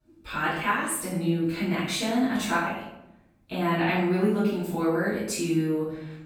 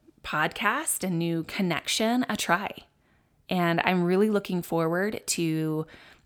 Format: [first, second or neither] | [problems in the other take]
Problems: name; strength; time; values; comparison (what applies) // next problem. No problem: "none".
second | off-mic speech; far // room echo; noticeable; dies away in 0.7 s